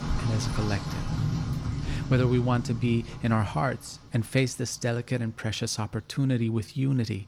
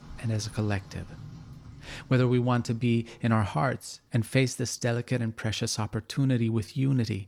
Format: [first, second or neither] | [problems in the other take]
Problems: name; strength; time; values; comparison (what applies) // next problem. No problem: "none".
second | rain or running water; loud; throughout; 5 dB below the speech; faint in the second